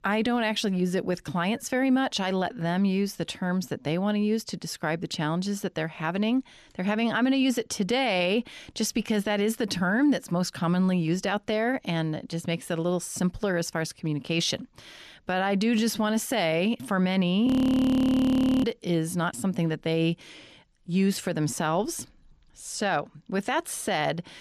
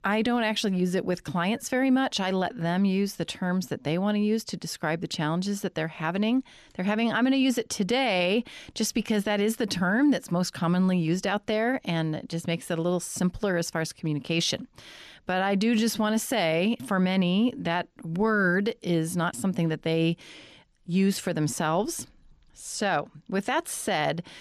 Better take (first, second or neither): second